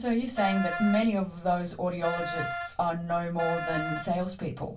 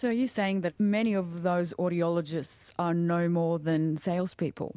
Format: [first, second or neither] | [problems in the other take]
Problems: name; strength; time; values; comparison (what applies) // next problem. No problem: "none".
second | background sound (Wind instrument, woodwind instrument); 7 dB below the speech // room echo; dies away in 0.2 s